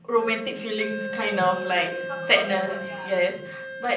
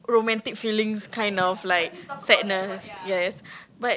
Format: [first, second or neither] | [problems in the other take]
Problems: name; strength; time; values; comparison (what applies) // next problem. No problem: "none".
second | background sound (Wind instrument, woodwind instrument); 8 dB below the speech // room echo; dies away in 0.6 s